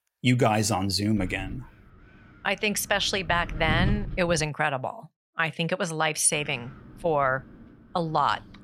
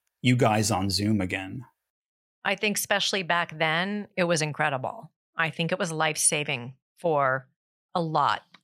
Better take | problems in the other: second | wind noise on the microphone; occasional gusts; from 1 to 4.5 s and from 6.5 s on; 20 dB below the speech

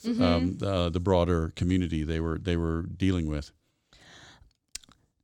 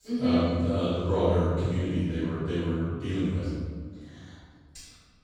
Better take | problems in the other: first | off-mic speech; far // room echo; strong; dies away in 1.5 s

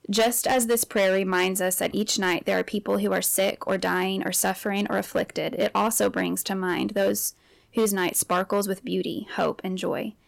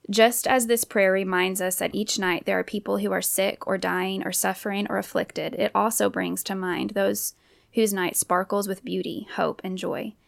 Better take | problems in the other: second | distortion; slight; 5% of the sound clipped

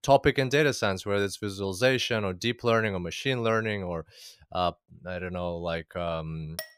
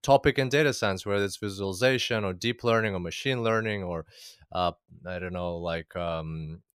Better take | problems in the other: second | clattering dishes; faint; at 6.5 s; peak 10 dB below the speech

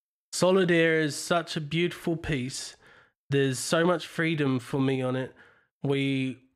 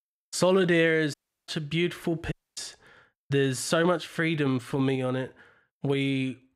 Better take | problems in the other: first | audio cutting out; at 1 s and at 2.5 s

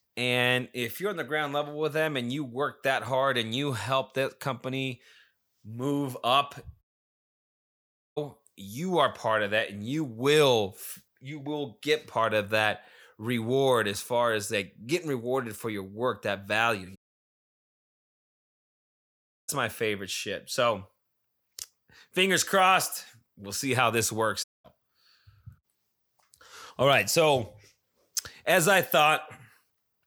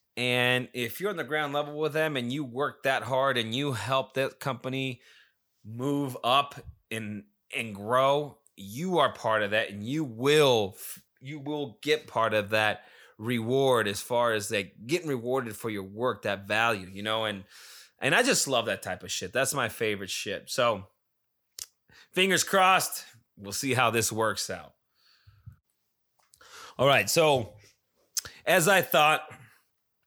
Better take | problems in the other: second | audio cutting out; at 7 s for 1.5 s, at 17 s for 2.5 s and at 24 s

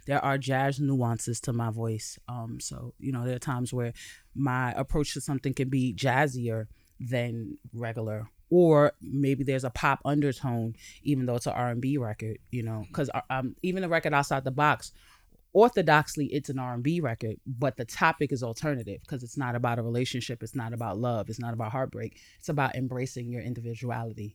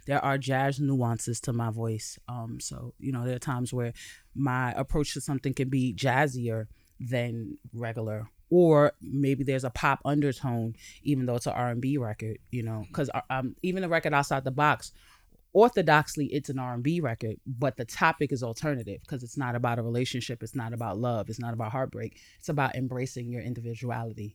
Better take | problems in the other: neither | none

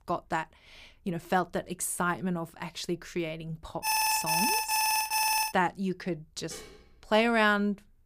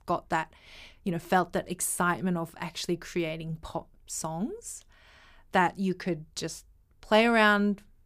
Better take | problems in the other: second | alarm; loud; from 4 to 5.5 s; peak 5 dB above the speech // clattering dishes; faint; at 6.5 s; peak 15 dB below the speech

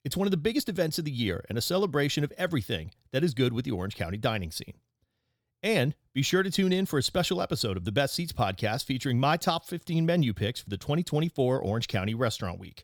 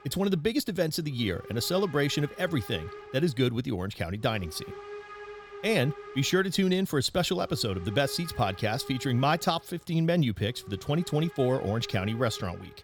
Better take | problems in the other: first | hiss; noticeable; throughout; 15 dB below the speech

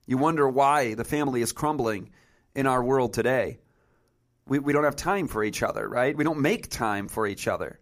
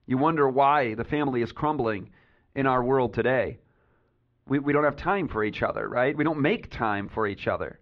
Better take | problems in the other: first | muffled; very; fading above 3.5 kHz

